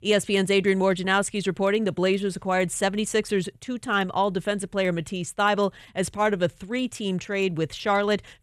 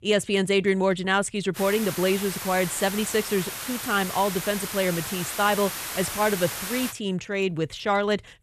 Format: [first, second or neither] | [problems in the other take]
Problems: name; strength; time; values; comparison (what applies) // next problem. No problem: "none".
first | hiss; loud; from 1.5 to 7 s; 6 dB below the speech